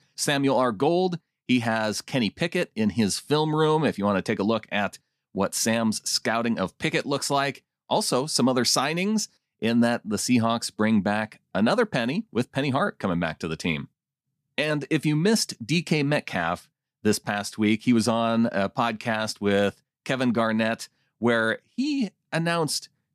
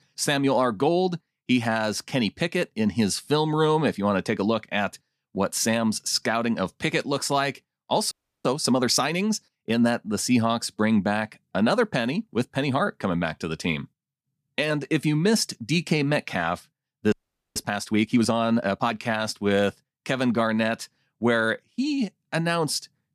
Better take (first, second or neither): first